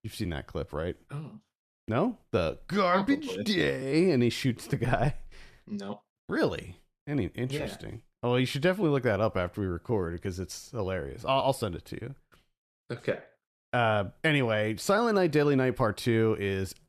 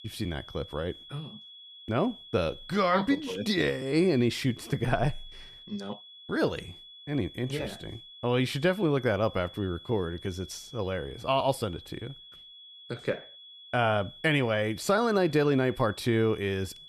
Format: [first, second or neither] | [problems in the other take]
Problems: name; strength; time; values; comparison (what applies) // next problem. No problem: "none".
first | high-pitched whine; noticeable; throughout; 3.5 kHz, 20 dB below the speech